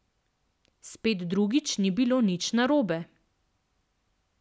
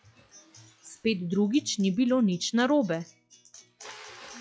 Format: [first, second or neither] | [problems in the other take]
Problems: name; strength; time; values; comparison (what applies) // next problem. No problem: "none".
first | noise reduction (classical method log-MMSE)